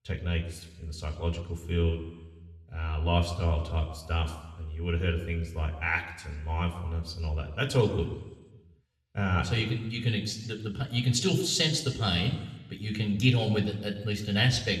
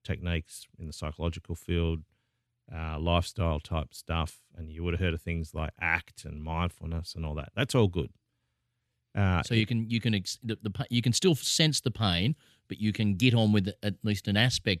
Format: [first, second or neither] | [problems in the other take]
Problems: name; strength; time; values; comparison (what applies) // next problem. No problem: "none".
second | room echo; slight; dies away in 1 s